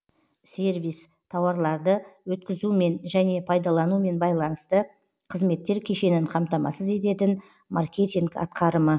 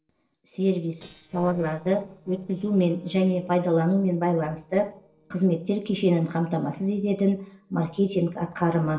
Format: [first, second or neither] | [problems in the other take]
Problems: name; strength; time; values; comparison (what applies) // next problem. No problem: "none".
first | noise reduction (neural separator model SepFormer DNS4)